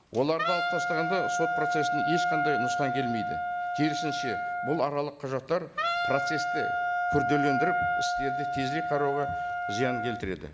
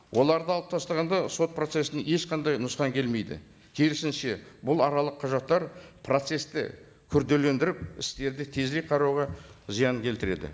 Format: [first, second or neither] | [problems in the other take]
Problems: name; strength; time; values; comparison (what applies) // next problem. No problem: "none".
second | background sound (Wind instrument, woodwind instrument); 2 dB above the speech